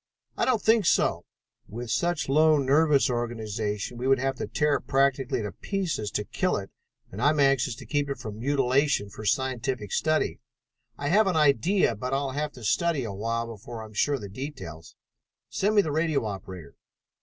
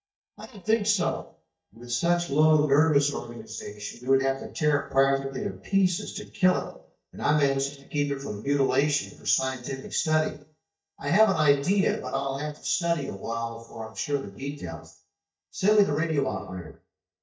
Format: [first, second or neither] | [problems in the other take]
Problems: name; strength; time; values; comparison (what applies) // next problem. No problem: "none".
first | noise reduction (neural mask model DeepFilterNet 3)